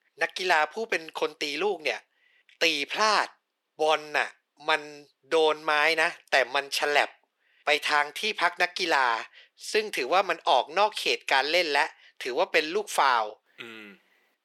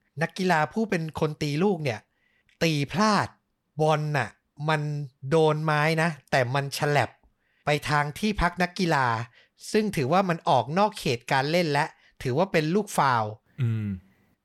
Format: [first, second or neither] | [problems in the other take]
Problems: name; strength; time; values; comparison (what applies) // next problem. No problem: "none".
second | thin; very; fading below 350 Hz